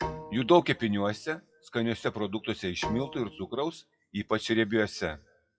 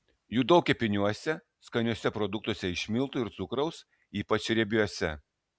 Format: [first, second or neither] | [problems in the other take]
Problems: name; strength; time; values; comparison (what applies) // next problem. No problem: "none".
second | noise reduction (classical method WPE with log-MMSE)